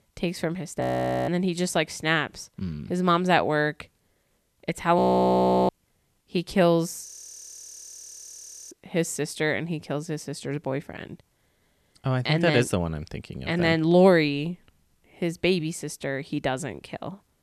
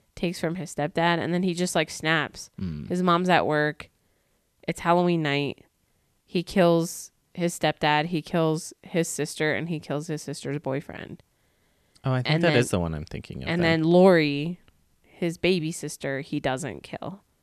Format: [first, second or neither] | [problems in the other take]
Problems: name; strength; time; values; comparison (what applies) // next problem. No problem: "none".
second | audio freezing; at 1 s, at 5 s for 0.5 s and at 7 s for 1.5 s